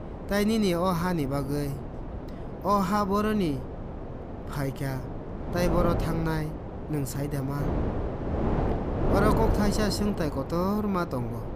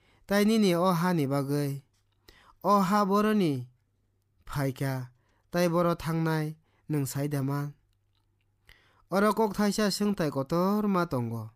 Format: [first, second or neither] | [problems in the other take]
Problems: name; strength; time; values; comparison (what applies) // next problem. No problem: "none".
second | wind noise on the microphone; heavy; 6 dB below the speech